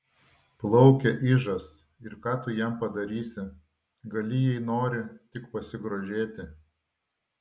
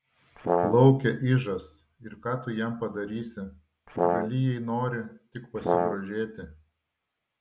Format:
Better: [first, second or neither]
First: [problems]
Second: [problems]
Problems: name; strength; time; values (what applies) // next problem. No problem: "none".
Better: first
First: none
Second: background sound (Brass instrument); 1 dB above the speech